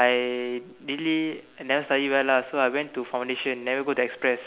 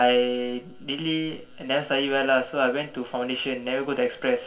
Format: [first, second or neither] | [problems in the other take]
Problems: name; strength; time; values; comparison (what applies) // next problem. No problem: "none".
first | room echo; dies away in 0.2 s